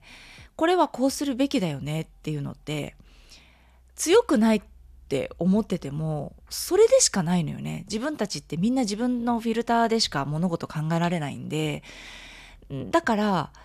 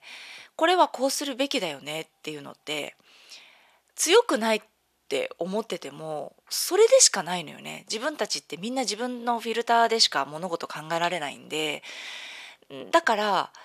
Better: first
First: none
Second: thin; somewhat; fading below 500 Hz

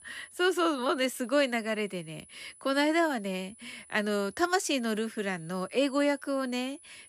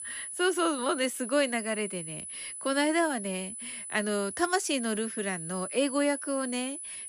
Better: first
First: high-pitched whine; faint; throughout; 10 kHz, 20 dB below the speech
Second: high-pitched whine; loud; throughout; 10 kHz, 7 dB below the speech

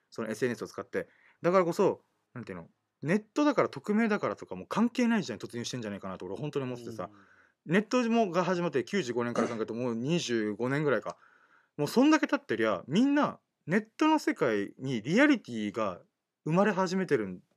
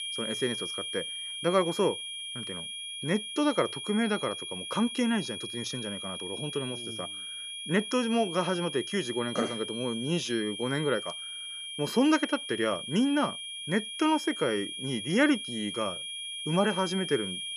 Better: first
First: none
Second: high-pitched whine; loud; throughout; 3.5 kHz, 6 dB below the speech

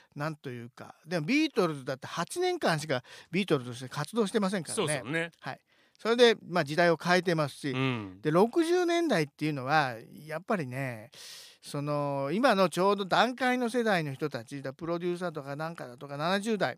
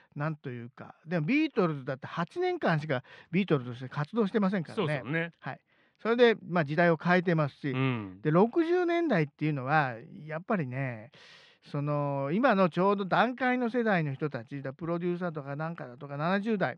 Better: first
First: none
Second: muffled; slightly; fading above 2.5 kHz

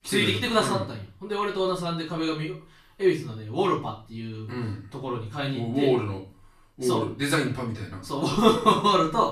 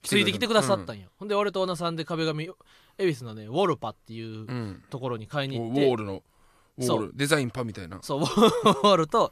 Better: second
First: off-mic speech; far // room echo; slight; dies away in 0.3 s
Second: none

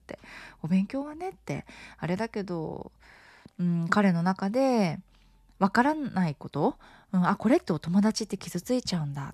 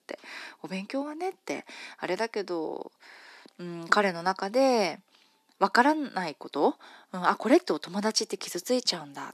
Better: first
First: none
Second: thin; somewhat; fading below 300 Hz

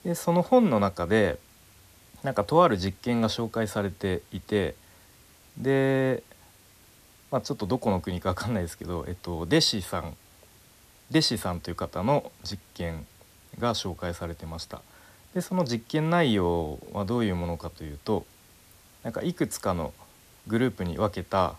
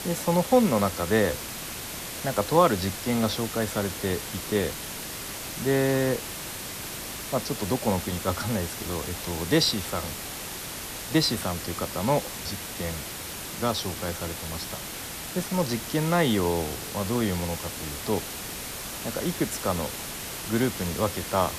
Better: first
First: hiss; faint; throughout; 25 dB below the speech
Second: hiss; loud; throughout; 6 dB below the speech

